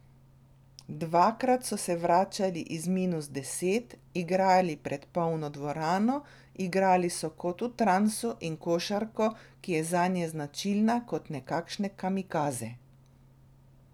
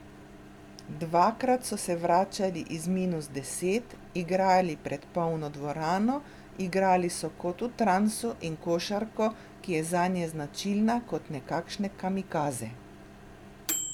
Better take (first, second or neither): first